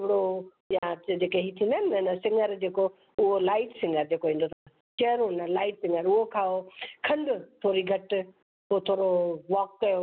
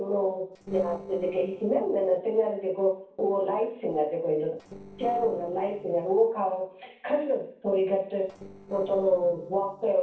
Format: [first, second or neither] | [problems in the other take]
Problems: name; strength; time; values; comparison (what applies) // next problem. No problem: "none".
first | noise reduction (neural separator model SepFormer DNS4)